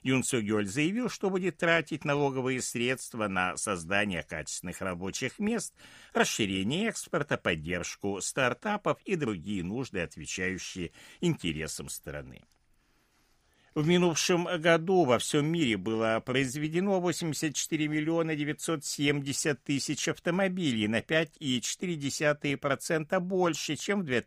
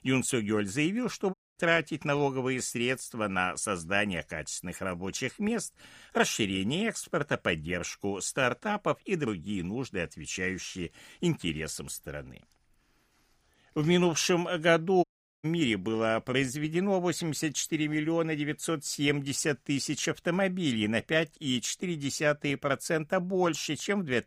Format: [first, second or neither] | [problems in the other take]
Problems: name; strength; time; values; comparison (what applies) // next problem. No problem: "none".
first | audio cutting out; at 1.5 s and at 15 s